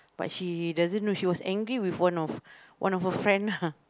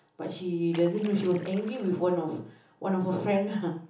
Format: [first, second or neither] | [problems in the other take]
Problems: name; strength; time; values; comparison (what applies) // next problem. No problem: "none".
first | background sound (Splash, splatter); 19 dB below the speech // room echo; dies away in 1.2 s